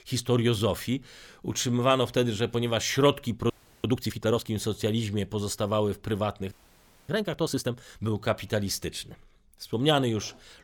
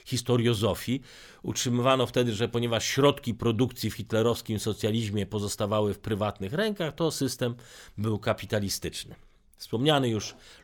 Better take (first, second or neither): second